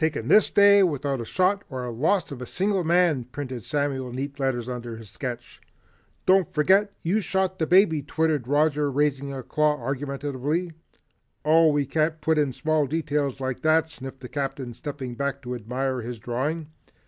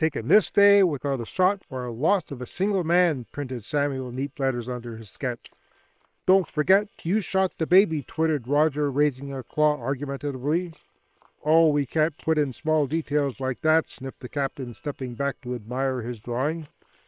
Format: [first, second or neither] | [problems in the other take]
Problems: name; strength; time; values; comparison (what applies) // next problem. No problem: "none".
first | noise reduction (neural separator model SepFormer WHAM!)